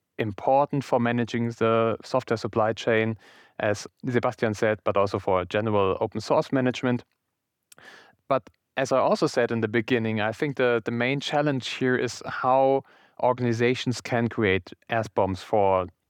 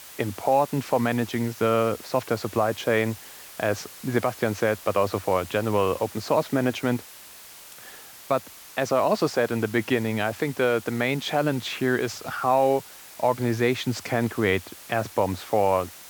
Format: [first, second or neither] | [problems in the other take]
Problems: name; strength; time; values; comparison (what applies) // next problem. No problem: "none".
first | hiss; noticeable; throughout; 15 dB below the speech